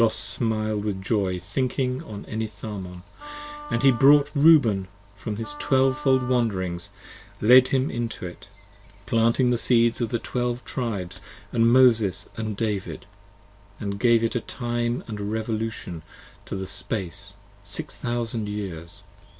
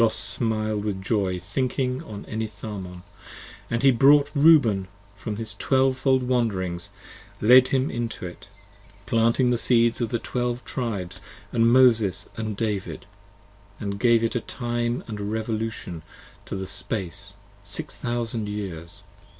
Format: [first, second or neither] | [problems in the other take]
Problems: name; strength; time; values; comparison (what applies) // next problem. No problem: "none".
second | background sound (Wind instrument, woodwind instrument); 16 dB below the speech